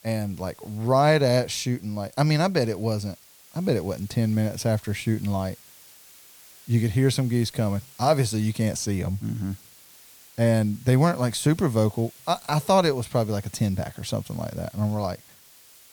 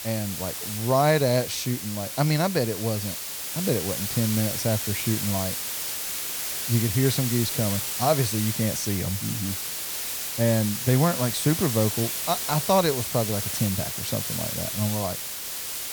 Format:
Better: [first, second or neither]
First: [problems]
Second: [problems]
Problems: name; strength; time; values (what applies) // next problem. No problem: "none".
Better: first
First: hiss; faint; throughout; 25 dB below the speech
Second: hiss; loud; throughout; 2 dB below the speech